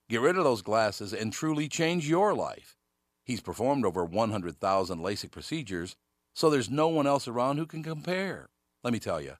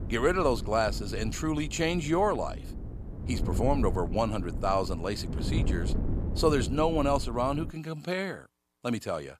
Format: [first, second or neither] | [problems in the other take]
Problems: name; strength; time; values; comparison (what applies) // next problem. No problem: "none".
first | wind noise on the microphone; occasional gusts; until 7.5 s; 15 dB below the speech